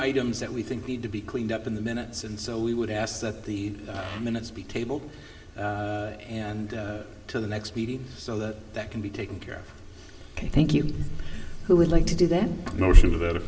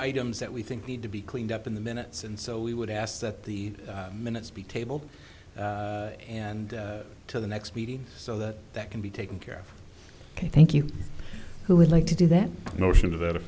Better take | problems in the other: second | background sound (Fart); 19 dB below the speech // room echo; dies away in 2.4 s

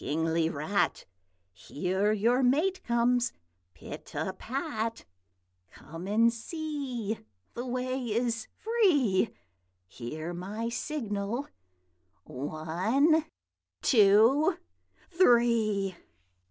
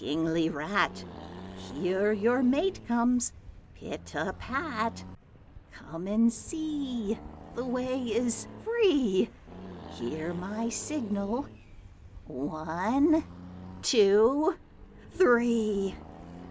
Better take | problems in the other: first | background sound (Accelerating, revving, vroom); 16 dB below the speech

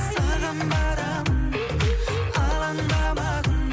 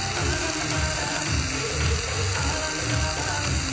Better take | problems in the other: first | background sound (Frying (food)); 3 dB below the speech // room echo; dies away in 0.9 s

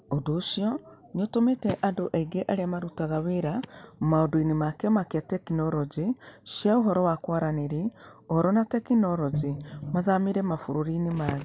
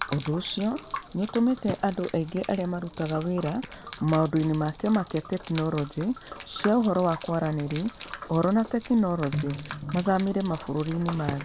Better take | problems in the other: first | background sound (Gurgling / Liquid); 15 dB below the speech

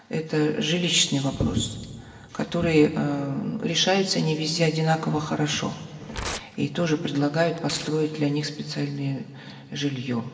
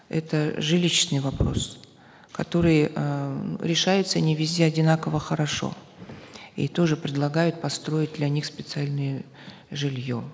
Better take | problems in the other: second | background sound (Tearing); 15 dB below the speech // room echo; dies away in 1.8 s

